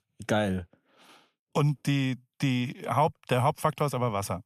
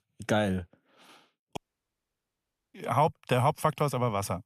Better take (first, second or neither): first